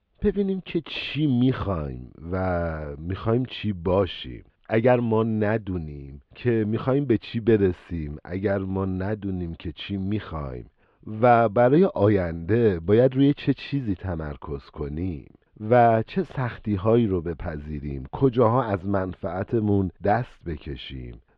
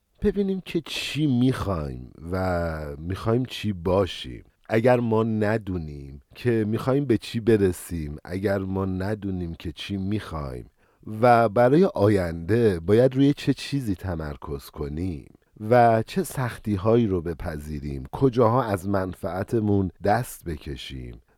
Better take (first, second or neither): second